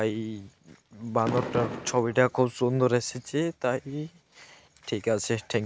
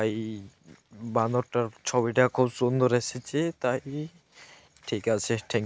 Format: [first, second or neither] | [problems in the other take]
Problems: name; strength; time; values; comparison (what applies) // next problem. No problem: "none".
second | background sound (Fireworks); 7 dB below the speech